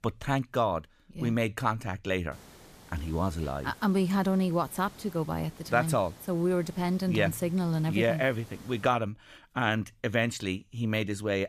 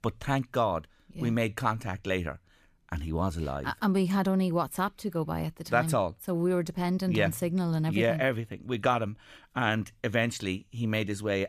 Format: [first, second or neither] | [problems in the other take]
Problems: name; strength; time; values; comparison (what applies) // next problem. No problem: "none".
second | hiss; faint; from 2.5 to 9 s; 20 dB below the speech